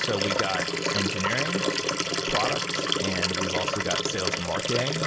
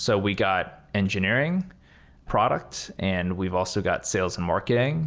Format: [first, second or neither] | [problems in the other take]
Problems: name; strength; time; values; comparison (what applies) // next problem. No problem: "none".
second | background sound (Liquid); 4 dB above the speech